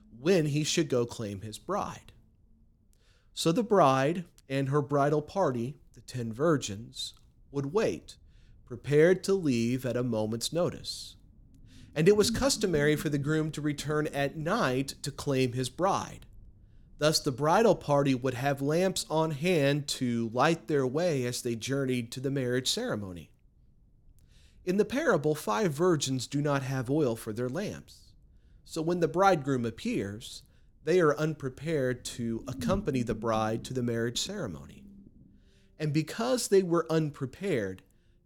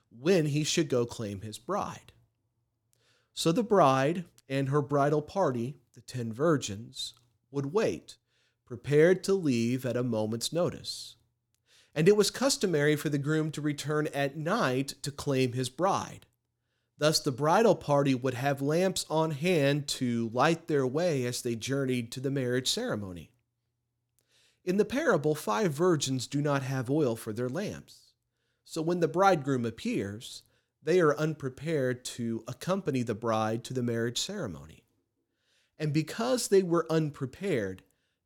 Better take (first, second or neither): second